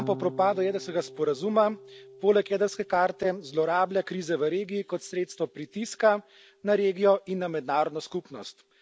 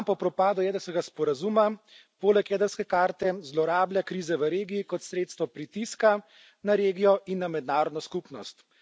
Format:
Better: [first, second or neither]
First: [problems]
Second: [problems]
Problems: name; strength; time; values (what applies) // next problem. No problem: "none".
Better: second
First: background sound (Electric guitar / Bass guitar); 20 dB below the speech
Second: none